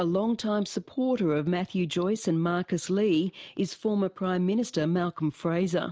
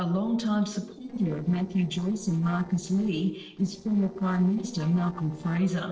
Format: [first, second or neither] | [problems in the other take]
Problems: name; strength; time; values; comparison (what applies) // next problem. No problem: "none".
first | noise reduction (neural separator model SepFormer DNS4)